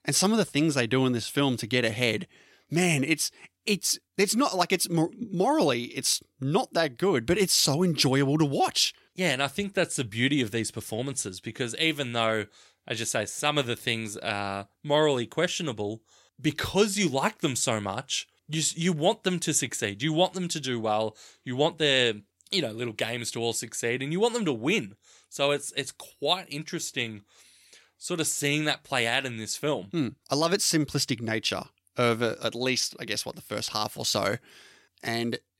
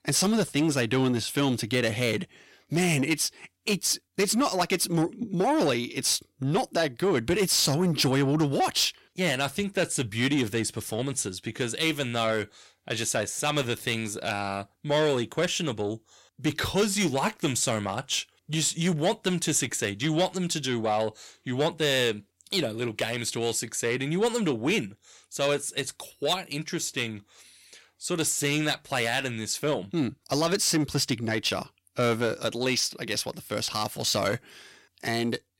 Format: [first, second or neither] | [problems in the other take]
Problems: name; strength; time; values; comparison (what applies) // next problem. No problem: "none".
first | distortion; slight; 10 dB below the speech